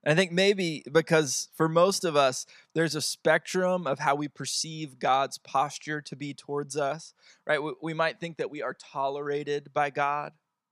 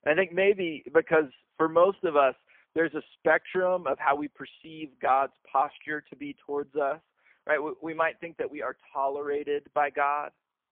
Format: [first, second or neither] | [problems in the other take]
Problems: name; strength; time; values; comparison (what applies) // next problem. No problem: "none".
first | phone-call audio; poor line